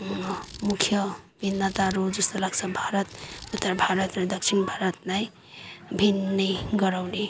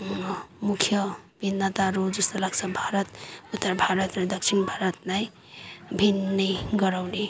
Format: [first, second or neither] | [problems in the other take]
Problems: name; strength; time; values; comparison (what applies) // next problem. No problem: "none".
second | background sound (Scissors); 19 dB below the speech